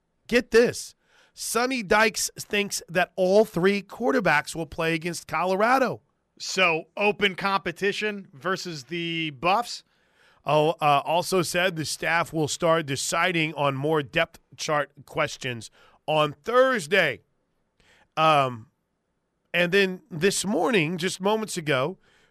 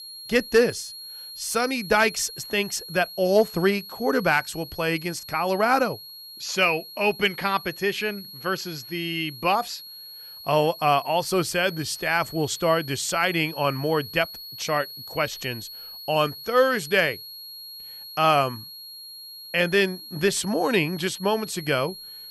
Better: first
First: none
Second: high-pitched whine; noticeable; throughout; 4.5 kHz, 15 dB below the speech

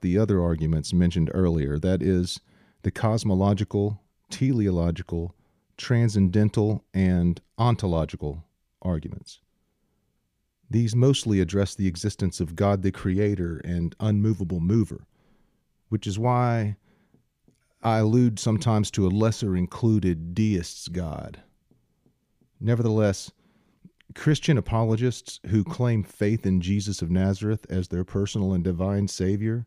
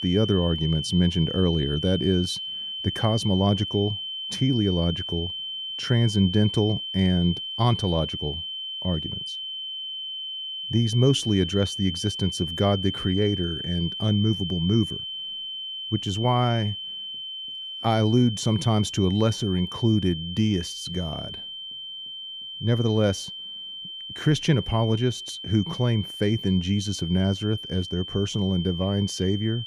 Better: first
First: none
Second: high-pitched whine; loud; throughout; 3 kHz, 7 dB below the speech

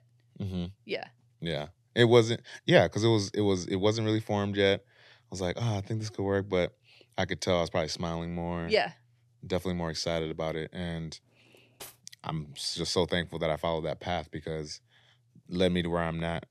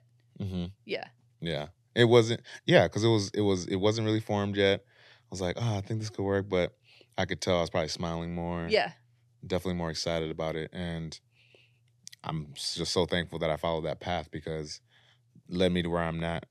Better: second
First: clattering dishes; faint; at 12 s; peak 15 dB below the speech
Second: none

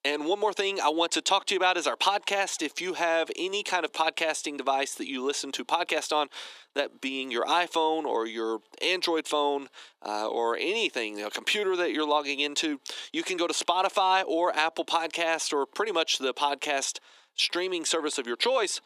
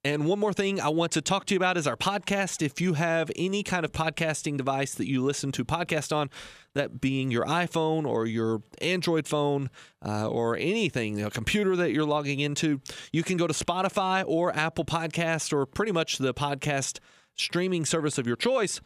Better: second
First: thin; somewhat; fading below 300 Hz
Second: none

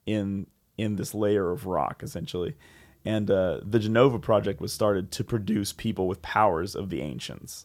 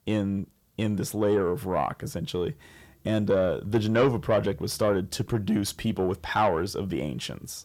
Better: first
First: none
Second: distortion; slight; 10 dB below the speech

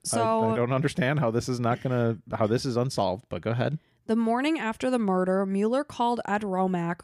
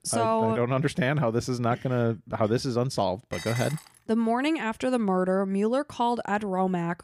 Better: first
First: none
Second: clattering dishes; noticeable; at 3.5 s; peak 9 dB below the speech

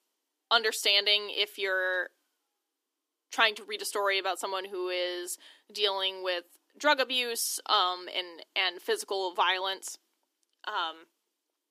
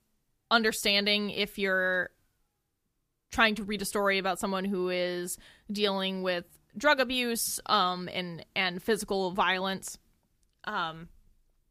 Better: second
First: thin; somewhat; fading below 300 Hz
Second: none

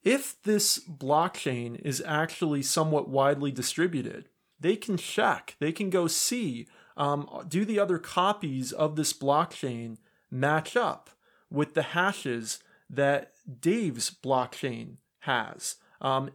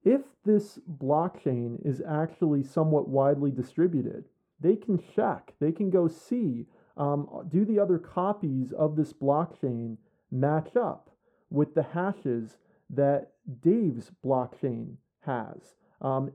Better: first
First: none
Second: muffled; very; fading above 1.5 kHz

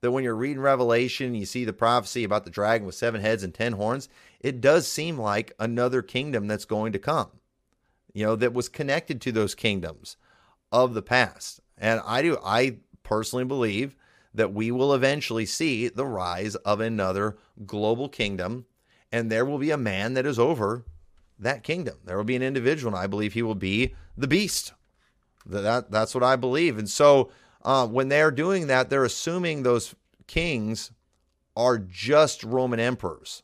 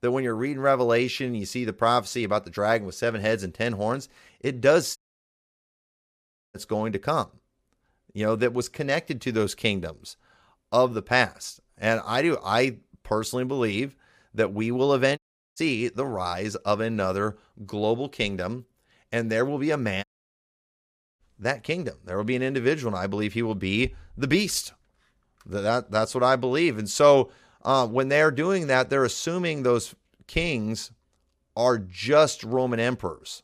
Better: first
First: none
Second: audio cutting out; at 5 s for 1.5 s, at 15 s and at 20 s for 1 s

